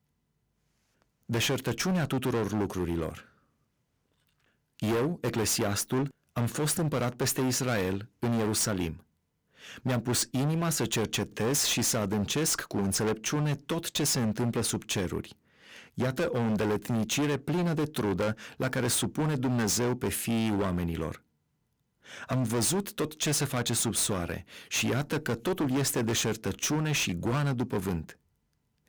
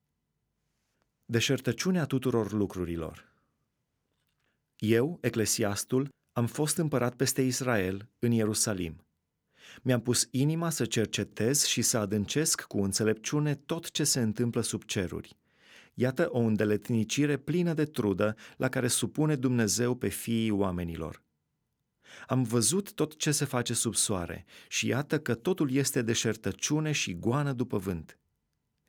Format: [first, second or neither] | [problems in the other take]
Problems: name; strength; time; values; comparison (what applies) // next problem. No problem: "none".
second | distortion; heavy; 20% of the sound clipped